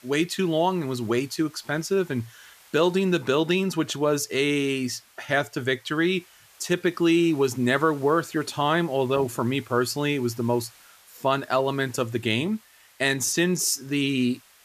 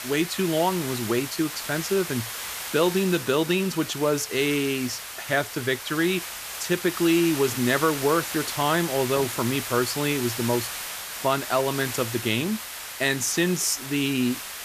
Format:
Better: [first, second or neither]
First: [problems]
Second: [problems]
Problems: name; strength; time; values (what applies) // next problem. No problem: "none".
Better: first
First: hiss; faint; throughout; 25 dB below the speech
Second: hiss; loud; throughout; 7 dB below the speech